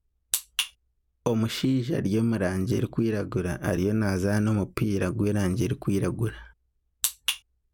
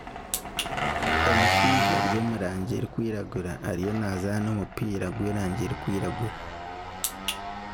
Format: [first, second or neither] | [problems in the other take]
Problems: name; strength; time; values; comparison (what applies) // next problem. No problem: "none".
first | background sound (Engine); as loud as the speech